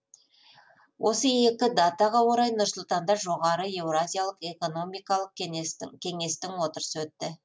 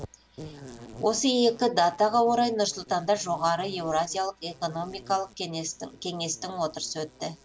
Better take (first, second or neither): first